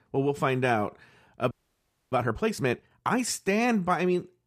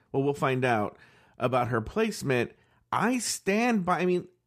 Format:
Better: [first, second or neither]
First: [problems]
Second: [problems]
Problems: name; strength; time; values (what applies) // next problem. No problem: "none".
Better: second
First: audio freezing; at 1.5 s for 0.5 s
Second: none